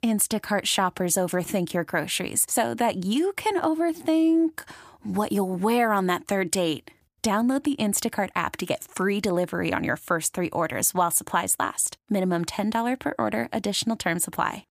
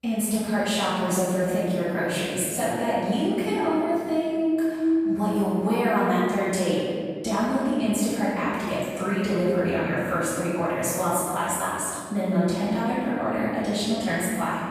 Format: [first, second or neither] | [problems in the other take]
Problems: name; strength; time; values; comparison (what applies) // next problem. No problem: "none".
first | room echo; strong; dies away in 2.2 s // off-mic speech; far